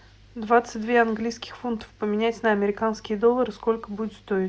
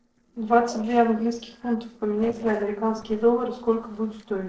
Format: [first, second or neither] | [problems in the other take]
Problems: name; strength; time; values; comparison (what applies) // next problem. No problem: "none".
first | noise reduction (neural separator model SepFormer DNS4)